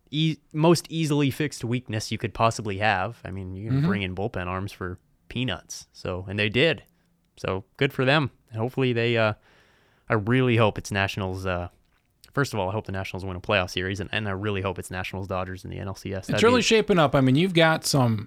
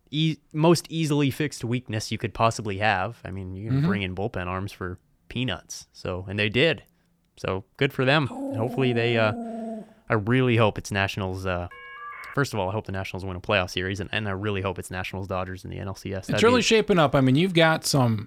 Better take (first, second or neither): first